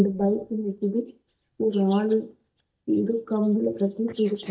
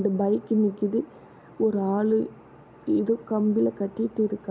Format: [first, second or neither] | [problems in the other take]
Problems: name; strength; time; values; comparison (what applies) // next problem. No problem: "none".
second | noise reduction (neural mask model DeepFilterNet 3)